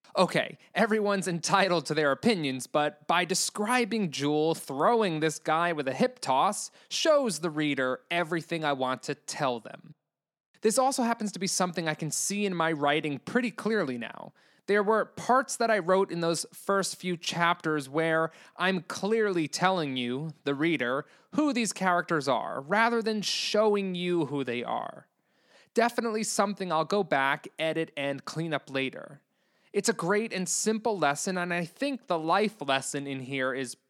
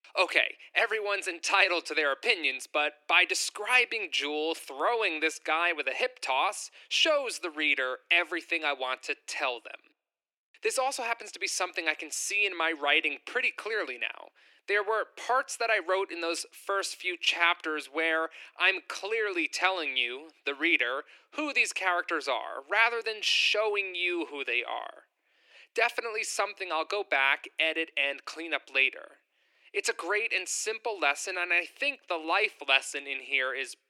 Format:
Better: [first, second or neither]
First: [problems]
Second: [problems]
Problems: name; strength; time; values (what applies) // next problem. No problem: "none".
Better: first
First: none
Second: thin; very; fading below 300 Hz